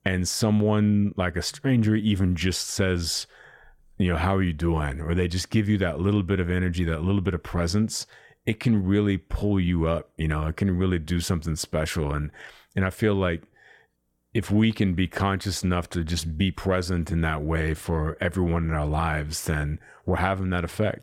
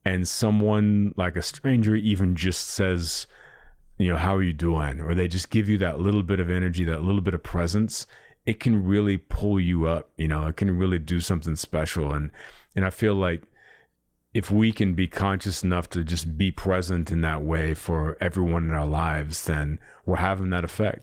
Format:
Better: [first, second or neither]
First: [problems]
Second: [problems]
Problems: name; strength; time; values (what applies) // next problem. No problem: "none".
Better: first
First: none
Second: garbled, watery; slightly; nothing above 18.5 kHz